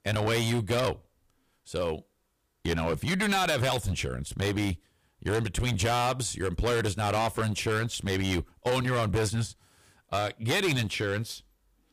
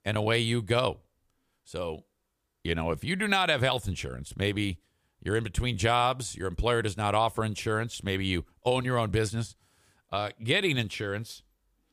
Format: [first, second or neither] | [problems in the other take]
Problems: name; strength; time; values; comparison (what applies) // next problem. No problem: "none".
second | distortion; heavy; 12% of the sound clipped